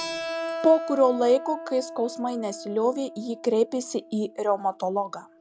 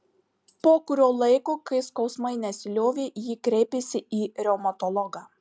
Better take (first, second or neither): second